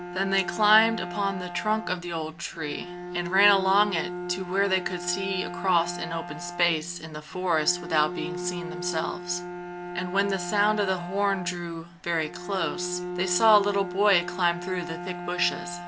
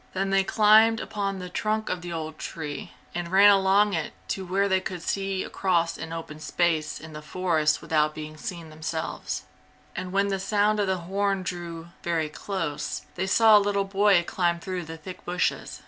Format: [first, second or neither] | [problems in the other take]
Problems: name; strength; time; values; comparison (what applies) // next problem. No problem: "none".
second | background sound (Bowed string instrument); 8 dB below the speech